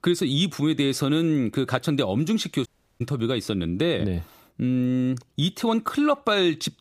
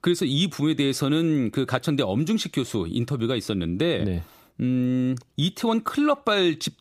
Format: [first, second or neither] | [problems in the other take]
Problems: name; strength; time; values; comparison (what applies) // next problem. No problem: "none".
second | audio cutting out; at 2.5 s